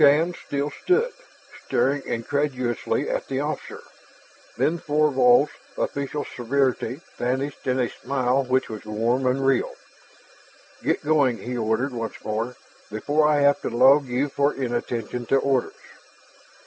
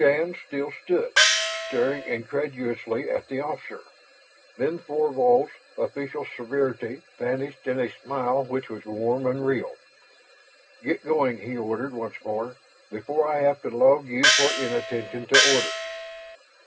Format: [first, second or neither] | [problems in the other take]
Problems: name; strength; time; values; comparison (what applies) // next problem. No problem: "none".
first | background sound (Gong); 4 dB above the speech // room echo; dies away in 0.2 s